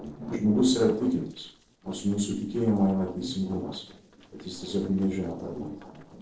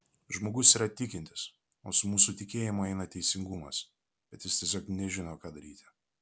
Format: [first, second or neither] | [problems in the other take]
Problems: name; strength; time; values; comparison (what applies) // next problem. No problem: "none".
second | noise reduction (neural separator model SepFormer DNS4)